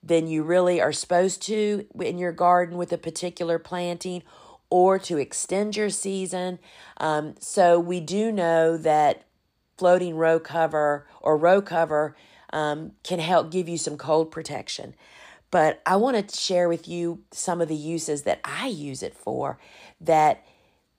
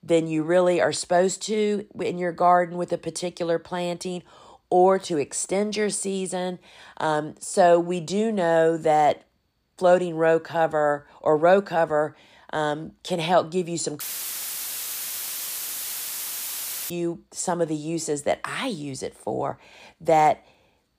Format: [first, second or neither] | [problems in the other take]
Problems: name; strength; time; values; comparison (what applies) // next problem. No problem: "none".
first | audio cutting out; filled with static; at 14 s for 3 s